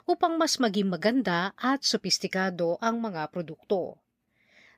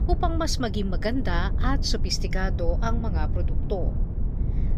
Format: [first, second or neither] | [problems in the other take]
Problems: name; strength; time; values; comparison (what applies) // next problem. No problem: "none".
first | low rumble; noticeable; throughout; 15 dB below the speech